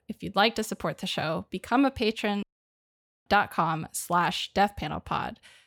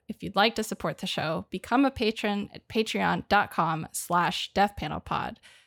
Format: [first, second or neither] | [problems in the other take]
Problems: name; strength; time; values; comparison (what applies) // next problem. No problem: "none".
second | audio cutting out; at 2.5 s for 1 s